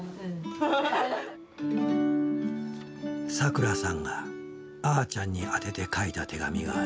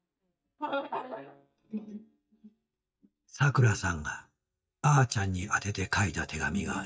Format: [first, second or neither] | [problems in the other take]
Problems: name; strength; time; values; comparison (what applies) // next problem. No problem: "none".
first | noise reduction (neural mask model DeepFilterNet 3)